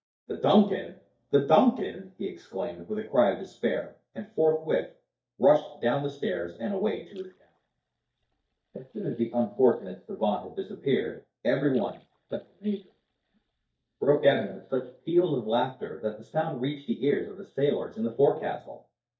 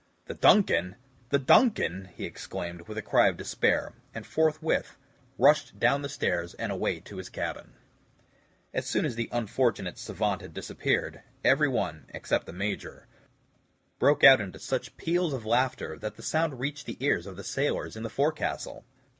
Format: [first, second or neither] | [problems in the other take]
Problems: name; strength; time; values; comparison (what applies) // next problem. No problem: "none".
second | noise reduction (neural mask model DeepFilterNet 3)